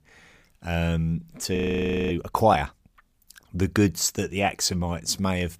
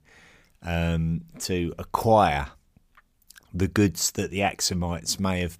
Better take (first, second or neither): second